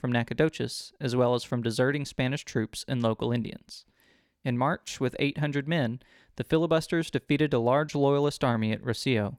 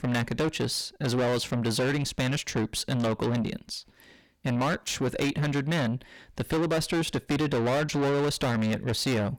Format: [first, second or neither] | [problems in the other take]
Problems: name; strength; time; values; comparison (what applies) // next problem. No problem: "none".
first | distortion; heavy; 5 dB below the speech